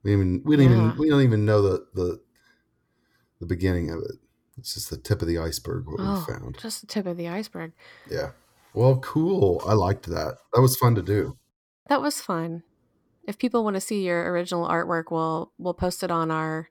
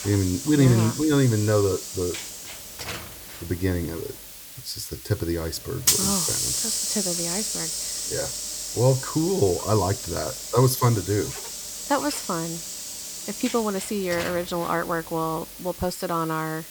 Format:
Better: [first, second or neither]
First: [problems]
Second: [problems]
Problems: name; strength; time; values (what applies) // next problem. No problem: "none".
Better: first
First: none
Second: hiss; loud; throughout; 4 dB below the speech